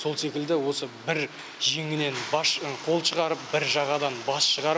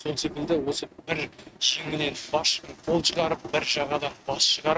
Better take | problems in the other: first | noise reduction (neural mask model RNNoise)

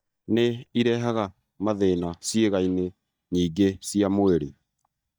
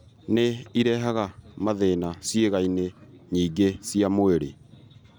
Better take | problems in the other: second | noise reduction (neural mask model DeepFilterNet 3)

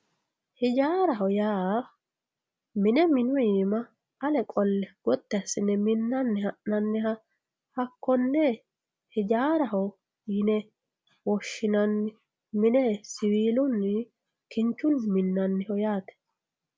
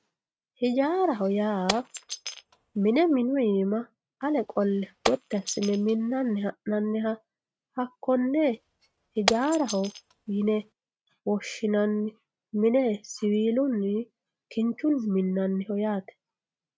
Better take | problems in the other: first | noise reduction (neural mask model RNNoise)

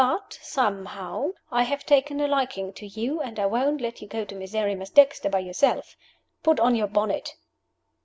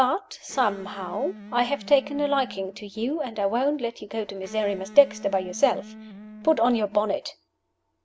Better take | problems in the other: first | background sound (Electric guitar); 17 dB below the speech

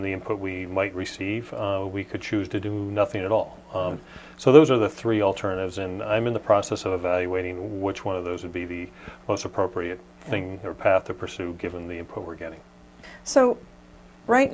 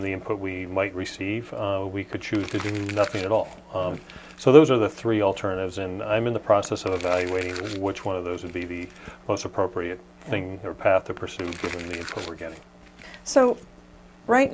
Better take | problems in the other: first | background sound (Crumpling, crinkling); 19 dB below the speech

